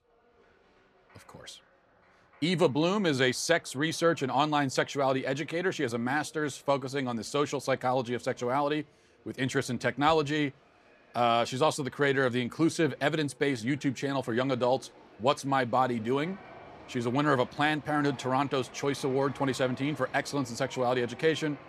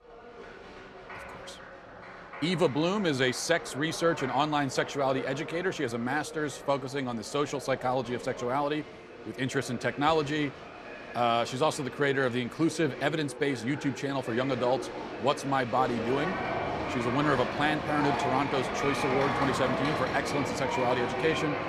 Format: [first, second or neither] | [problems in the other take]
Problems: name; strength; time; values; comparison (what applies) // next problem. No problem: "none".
first | crowd noise; loud; throughout; 6 dB below the speech; faint in the first